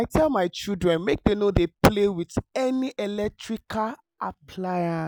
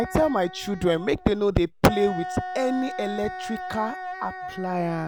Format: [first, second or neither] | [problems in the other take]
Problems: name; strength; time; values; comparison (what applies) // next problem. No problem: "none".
first | background sound (Wind instrument, woodwind instrument); 10 dB below the speech